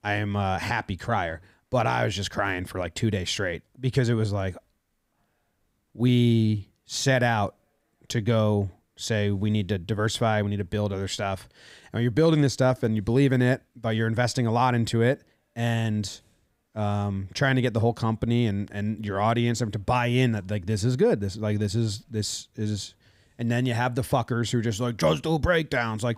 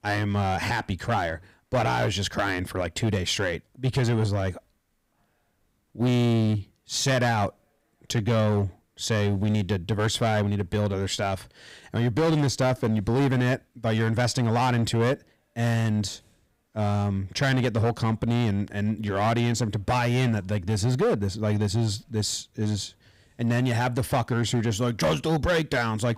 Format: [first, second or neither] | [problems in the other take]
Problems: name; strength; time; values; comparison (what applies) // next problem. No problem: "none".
first | distortion; slight; 12% of the sound clipped